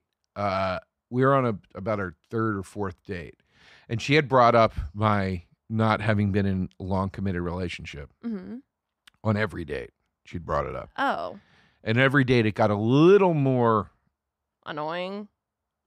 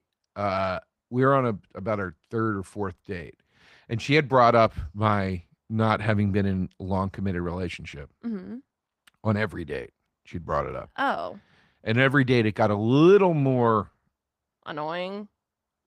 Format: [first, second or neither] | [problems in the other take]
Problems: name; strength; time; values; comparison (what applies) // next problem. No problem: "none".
first | garbled, watery; slightly; nothing above 15.5 kHz